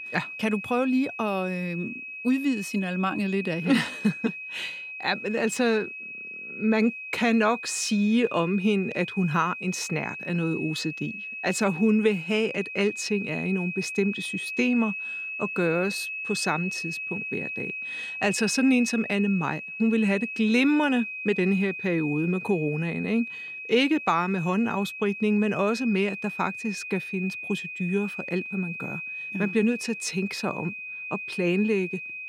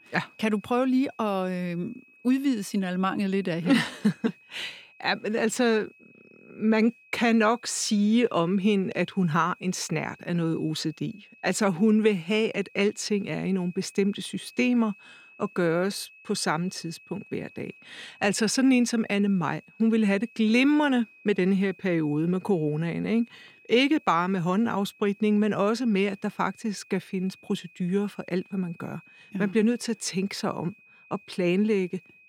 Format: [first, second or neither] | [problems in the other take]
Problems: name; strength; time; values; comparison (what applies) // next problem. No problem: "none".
second | high-pitched whine; loud; throughout; 2.5 kHz, 7 dB below the speech; faint in the second